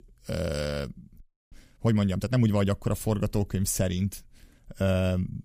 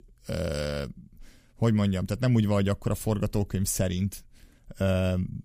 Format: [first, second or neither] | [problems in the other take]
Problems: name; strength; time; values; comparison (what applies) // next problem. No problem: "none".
second | audio freezing; at 1 s